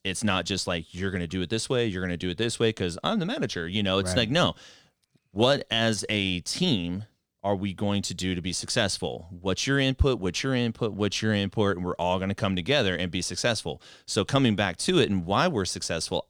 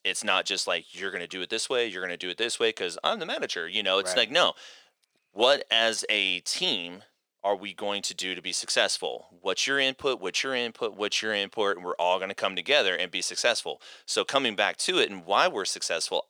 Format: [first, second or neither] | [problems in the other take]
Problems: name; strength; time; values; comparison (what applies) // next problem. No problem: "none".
first | thin; very; fading below 550 Hz